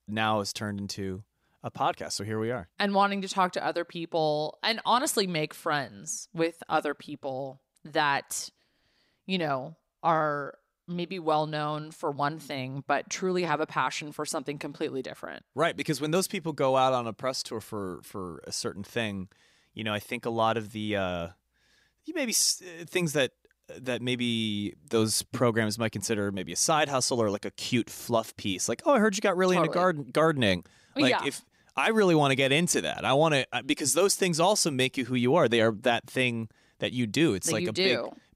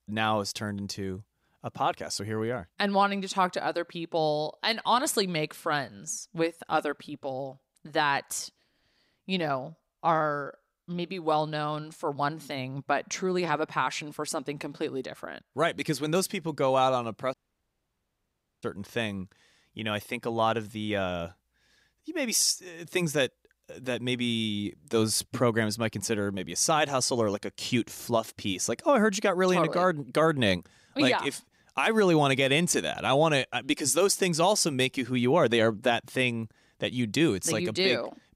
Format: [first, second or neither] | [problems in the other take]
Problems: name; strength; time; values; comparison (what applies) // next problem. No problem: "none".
first | audio cutting out; at 17 s for 1.5 s